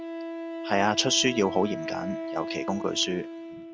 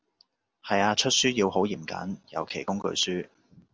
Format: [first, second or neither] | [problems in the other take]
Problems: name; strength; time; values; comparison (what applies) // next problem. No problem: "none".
second | background sound (Wind instrument, woodwind instrument); 7 dB below the speech